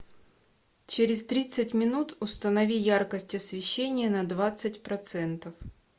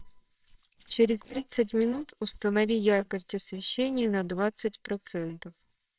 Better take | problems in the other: first | noise reduction (neural separator model SepFormer WHAMR!)

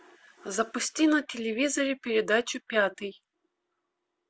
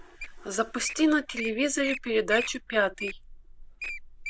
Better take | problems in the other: first | background sound (Wild animals); 10 dB below the speech

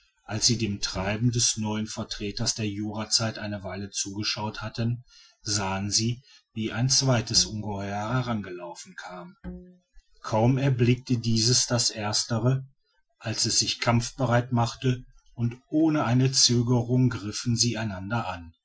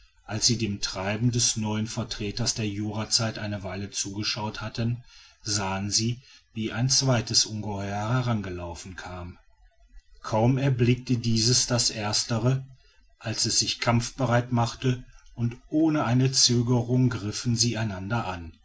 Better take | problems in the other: second | noise reduction (classical method Wiener filter)

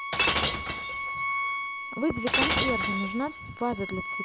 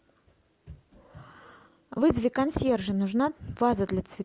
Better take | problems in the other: second | background sound (Bowed string instrument + Shatter); 3 dB above the speech

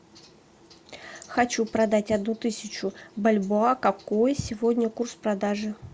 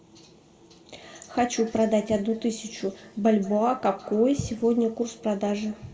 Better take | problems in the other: first | room echo; dies away in 1.7 s

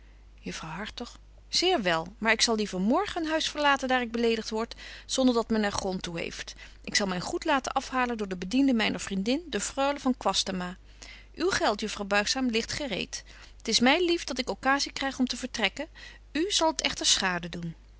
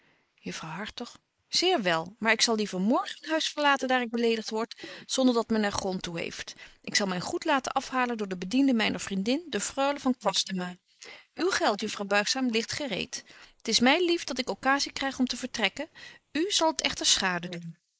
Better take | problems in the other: first | noise reduction (neural mask model Resemble Enhance denoiser)

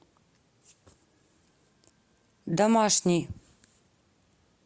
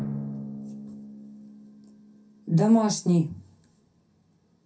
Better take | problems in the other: first | background sound (Drum); 12 dB below the speech // room echo; dies away in 0.3 s

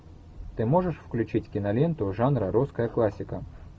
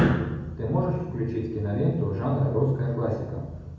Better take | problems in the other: first | room echo; dies away in 0.9 s

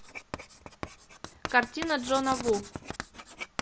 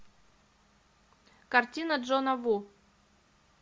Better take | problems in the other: second | background sound (Writing); 8 dB below the speech

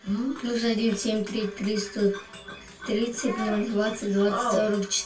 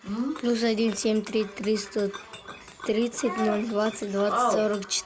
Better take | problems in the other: second | room echo; dies away in 0.2 s

